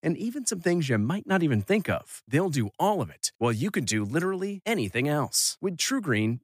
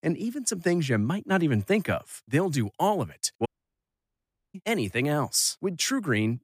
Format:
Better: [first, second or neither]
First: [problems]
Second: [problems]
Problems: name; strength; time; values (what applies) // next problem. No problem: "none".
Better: first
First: none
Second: audio cutting out; at 3.5 s for 1 s